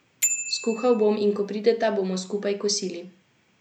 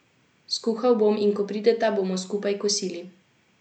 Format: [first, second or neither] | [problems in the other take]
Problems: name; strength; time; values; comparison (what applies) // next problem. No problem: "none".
second | background sound (Bicycle bell); 9 dB below the speech